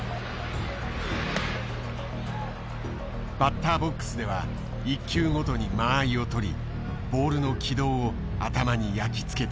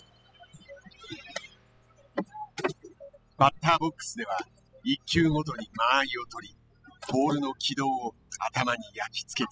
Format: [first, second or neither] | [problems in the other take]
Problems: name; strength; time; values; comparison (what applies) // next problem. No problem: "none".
first | noise reduction (classical method spectral subtraction)